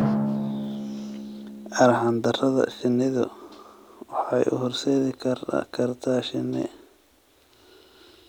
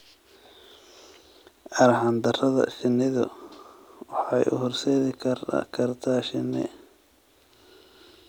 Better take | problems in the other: second | background sound (Drum); 8 dB below the speech

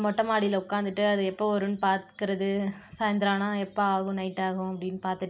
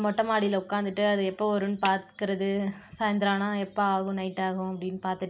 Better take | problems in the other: first | background sound (Clapping); 16 dB below the speech

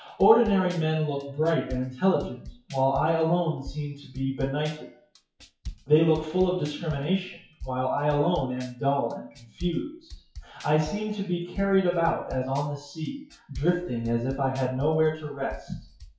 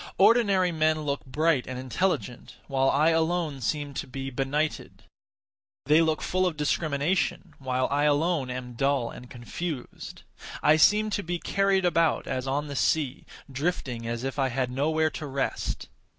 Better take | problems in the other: second | noise reduction (classical method WPE with log-MMSE)

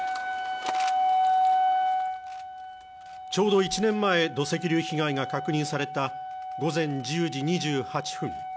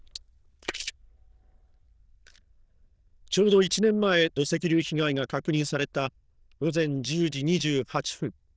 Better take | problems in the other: first | noise reduction (neural diffusion model UNIVERSE++)

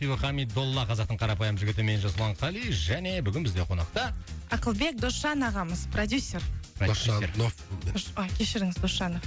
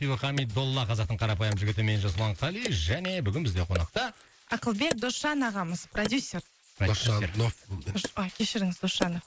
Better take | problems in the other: first | noise reduction (neural mask model Resemble Enhance denoiser)

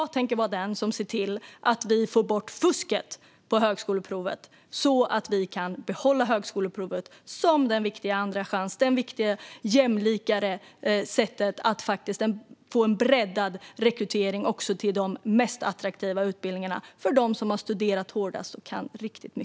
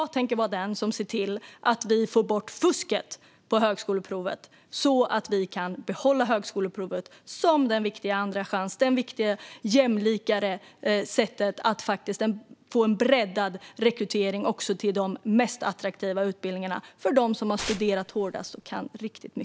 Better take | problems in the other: first | background sound (Tearing); 13 dB below the speech

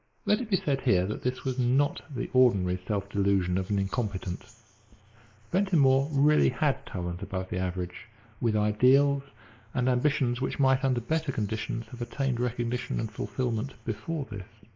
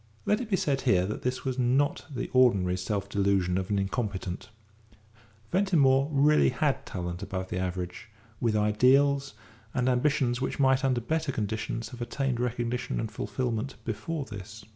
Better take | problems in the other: second | noise reduction (neural mask model Resemble Enhance denoiser)

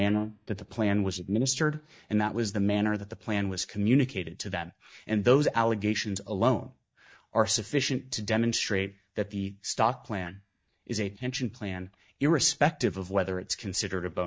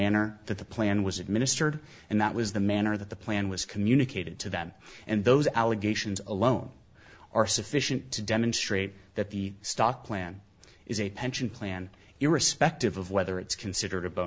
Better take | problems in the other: second | noise reduction (neural mask model DeepFilterNet 3)

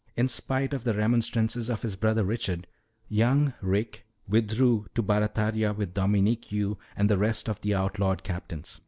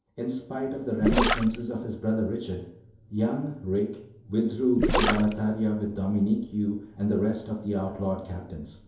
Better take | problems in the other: first | background sound (Gurgling); as loud as the speech // room echo; dies away in 2.8 s

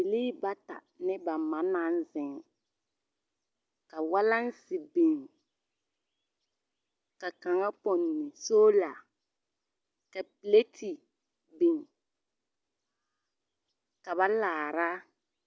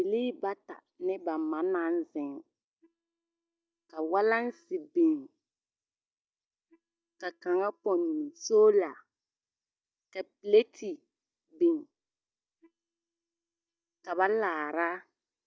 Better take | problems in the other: first | noise reduction (neural mask model DeepFilterNet 3)

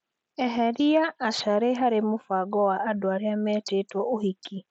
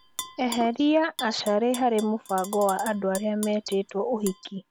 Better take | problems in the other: first | background sound (Tap / Glass); 16 dB below the speech

